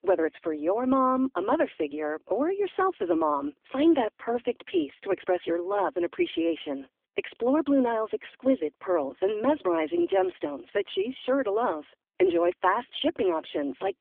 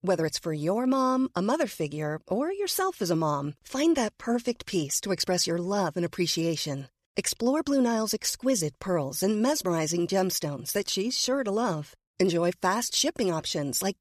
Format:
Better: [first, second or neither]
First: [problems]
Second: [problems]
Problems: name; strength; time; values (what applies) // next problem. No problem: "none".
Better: second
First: phone-call audio; poor line; nothing above 3.5 kHz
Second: none